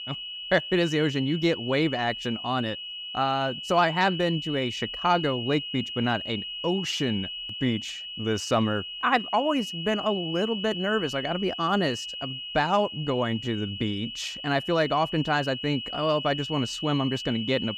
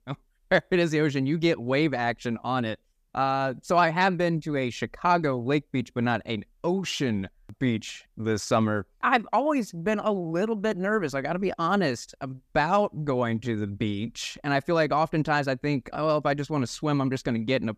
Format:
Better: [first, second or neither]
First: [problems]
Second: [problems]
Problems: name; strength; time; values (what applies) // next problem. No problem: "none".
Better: second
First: high-pitched whine; loud; throughout; 3 kHz, 7 dB below the speech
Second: none